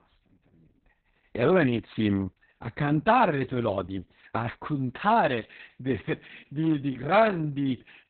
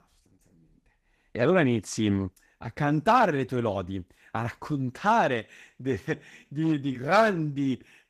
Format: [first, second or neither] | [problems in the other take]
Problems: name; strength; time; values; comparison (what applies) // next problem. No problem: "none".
second | garbled, watery; badly; nothing above 4 kHz; slightly in the second